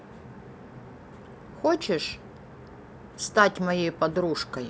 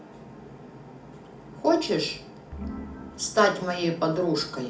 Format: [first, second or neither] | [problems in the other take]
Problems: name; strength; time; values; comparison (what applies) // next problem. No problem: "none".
first | background sound (Organ); 12 dB below the speech // room echo; dies away in 0.4 s